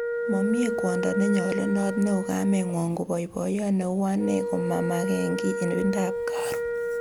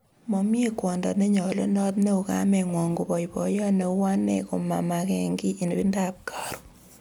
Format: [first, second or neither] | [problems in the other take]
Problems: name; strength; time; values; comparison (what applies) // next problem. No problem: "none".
second | background sound (Wind instrument, woodwind instrument); 4 dB below the speech